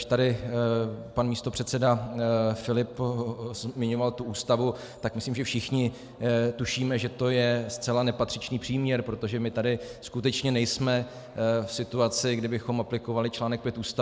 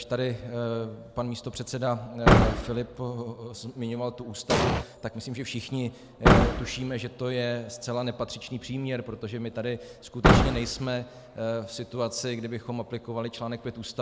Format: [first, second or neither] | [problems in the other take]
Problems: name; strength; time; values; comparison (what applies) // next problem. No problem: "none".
first | background sound (Explosion + Slam / Car); 3 dB above the speech